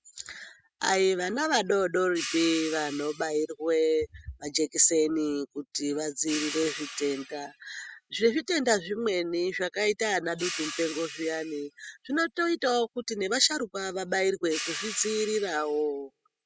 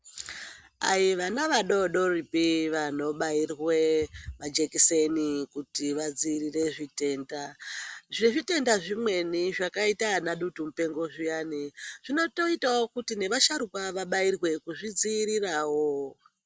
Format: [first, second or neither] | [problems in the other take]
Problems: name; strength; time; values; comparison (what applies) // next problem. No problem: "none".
second | noise reduction (classical method spectral subtraction)